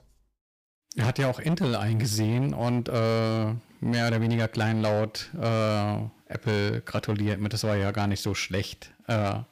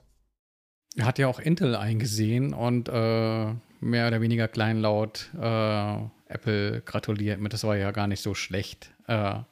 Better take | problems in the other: second | distortion; slight; 12% of the sound clipped

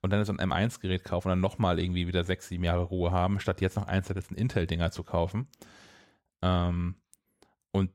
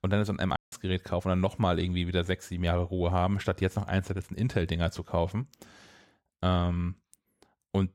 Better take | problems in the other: first | audio cutting out; at 0.5 s

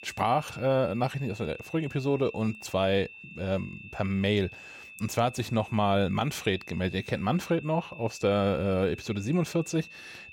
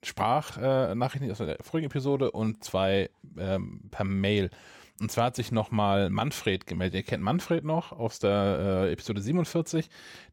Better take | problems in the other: second | high-pitched whine; noticeable; throughout; 2.5 kHz, 15 dB below the speech

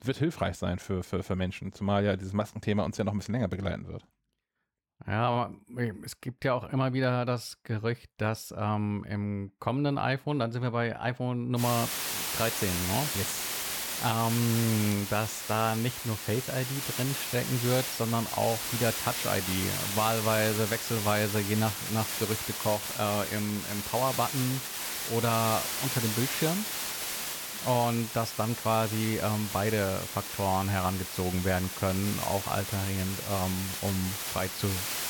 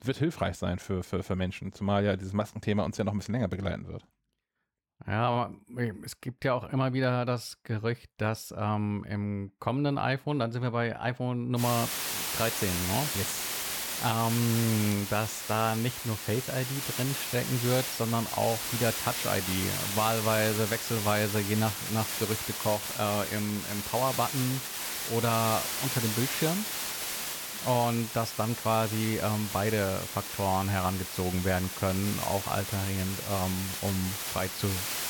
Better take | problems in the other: neither | hiss; loud; from 12 s on; 2 dB below the speech; the same in both

